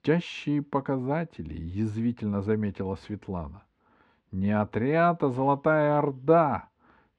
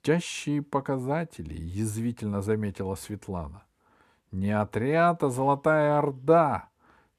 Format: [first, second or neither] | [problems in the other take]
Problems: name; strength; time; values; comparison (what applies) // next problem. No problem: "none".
second | muffled; slightly; fading above 4 kHz